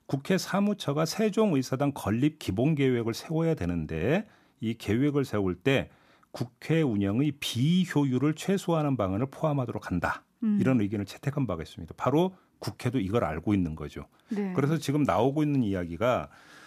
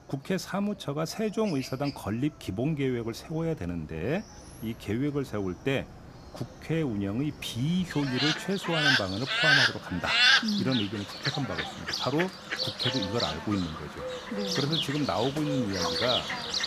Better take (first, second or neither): first